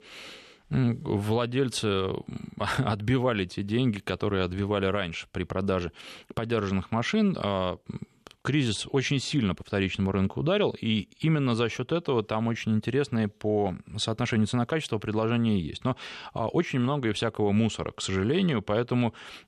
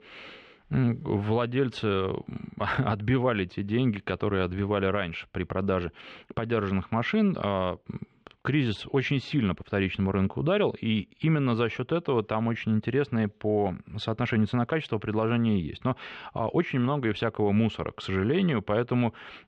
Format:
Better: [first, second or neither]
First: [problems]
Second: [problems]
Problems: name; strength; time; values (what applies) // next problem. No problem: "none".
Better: first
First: none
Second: muffled; slightly; fading above 2.5 kHz